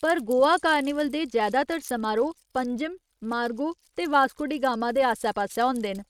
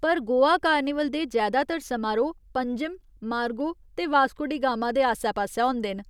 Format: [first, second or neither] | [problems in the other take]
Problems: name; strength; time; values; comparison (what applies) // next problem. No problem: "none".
second | noise reduction (neural mask model RNNoise)